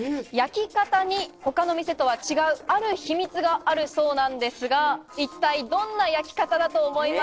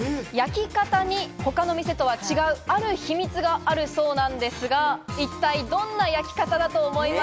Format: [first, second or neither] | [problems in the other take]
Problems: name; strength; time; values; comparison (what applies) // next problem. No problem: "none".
second | noise reduction (neural separator model SepFormer DNS4)